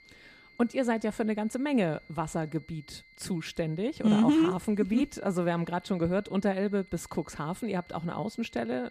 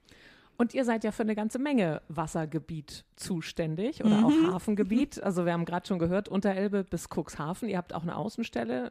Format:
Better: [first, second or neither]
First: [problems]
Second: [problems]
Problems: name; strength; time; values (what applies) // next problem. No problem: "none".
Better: second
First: high-pitched whine; faint; throughout; 2 kHz, 25 dB below the speech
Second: none